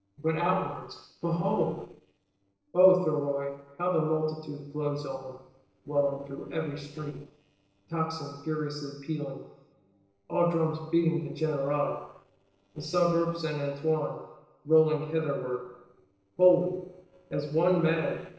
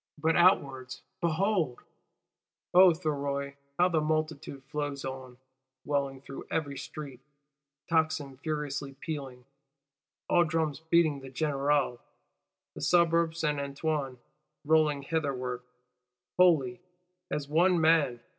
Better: second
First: noise reduction (neural separator model SepFormer DNS4)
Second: none

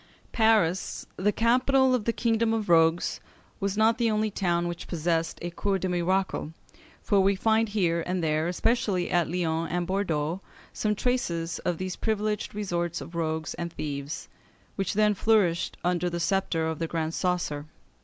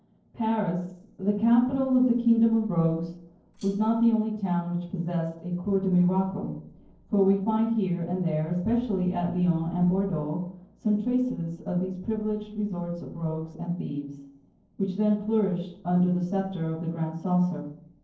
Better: first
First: none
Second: noise reduction (neural separator model SepFormer DNS4)

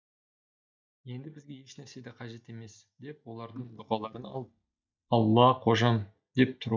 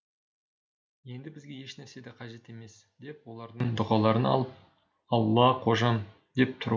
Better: second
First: noise reduction (neural mask model DeepFilterNet 3)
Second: none

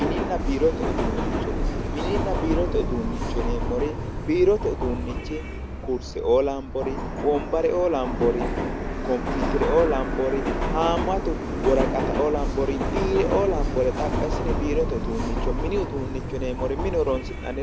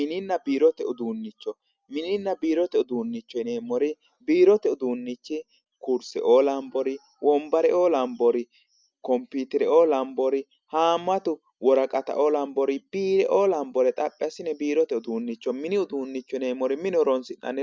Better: second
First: background sound (Subway, metro, underground); as loud as the speech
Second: none

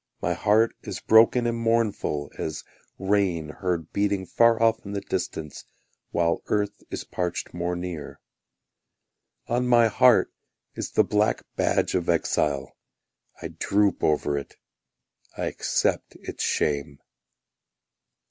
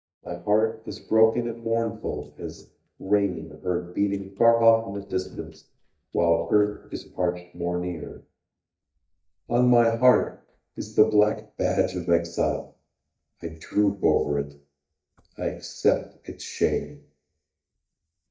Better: first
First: none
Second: noise reduction (neural mask model DeepFilterNet 3)

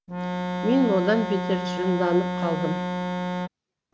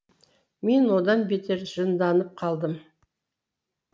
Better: second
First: background sound (Organ); 2 dB below the speech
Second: none

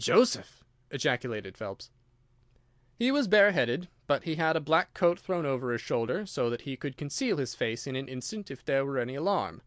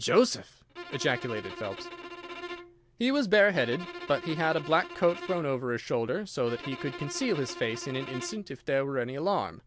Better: first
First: none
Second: background sound (Bowed string instrument); 13 dB below the speech

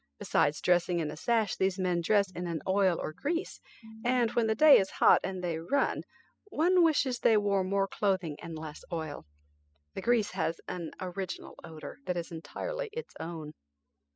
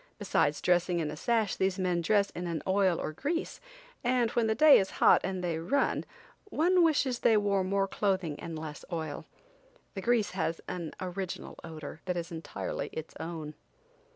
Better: second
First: noise reduction (classical method spectral subtraction)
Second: none

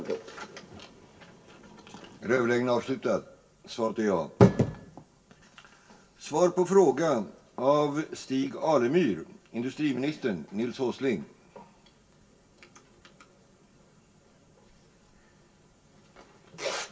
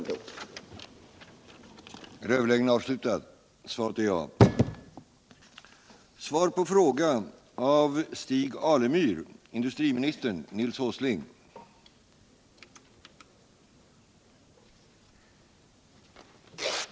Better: second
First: room echo; dies away in 0.2 s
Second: none

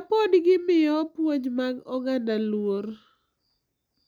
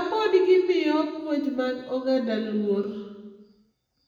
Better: first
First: none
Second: room echo; dies away in 1.2 s

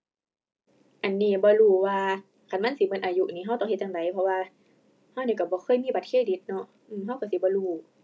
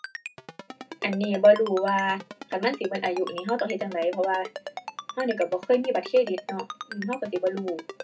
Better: first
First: none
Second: background sound (Ringtone); 13 dB below the speech // room echo; dies away in 0.3 s

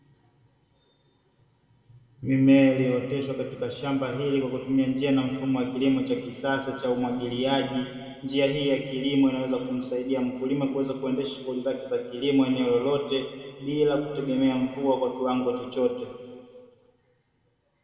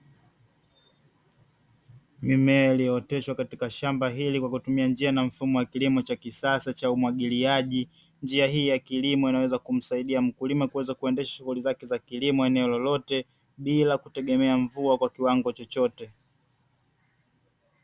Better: second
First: room echo; dies away in 2 s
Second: none

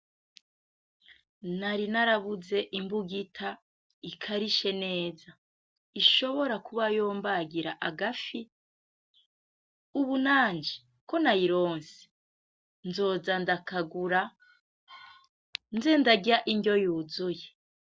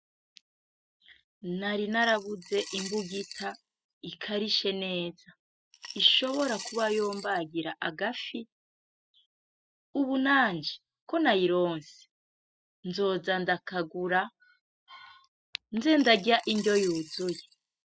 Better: first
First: none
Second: noise reduction (classical method spectral subtraction)

